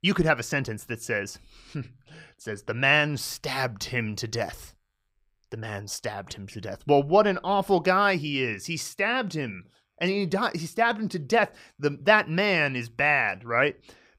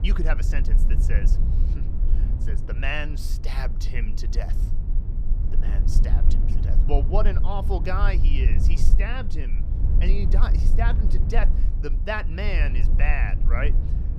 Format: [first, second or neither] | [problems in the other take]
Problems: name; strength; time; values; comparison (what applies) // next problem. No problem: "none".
first | low rumble; noticeable; throughout; 10 dB below the speech